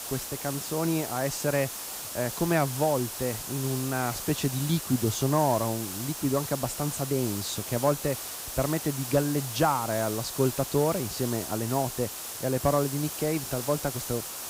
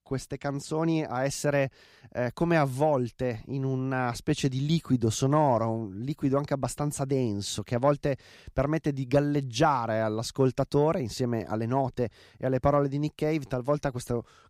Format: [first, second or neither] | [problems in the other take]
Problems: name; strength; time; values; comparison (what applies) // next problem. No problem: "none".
second | hiss; loud; throughout; 5 dB below the speech